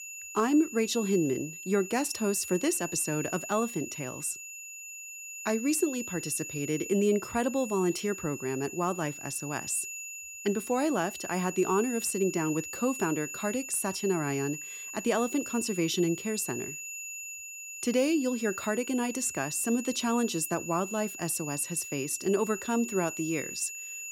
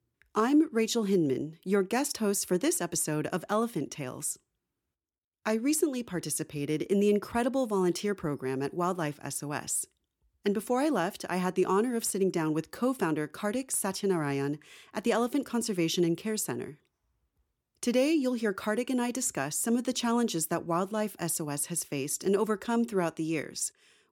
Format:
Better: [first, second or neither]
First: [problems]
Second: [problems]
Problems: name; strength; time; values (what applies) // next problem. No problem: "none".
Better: second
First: high-pitched whine; loud; throughout; 7 kHz, 8 dB below the speech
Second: none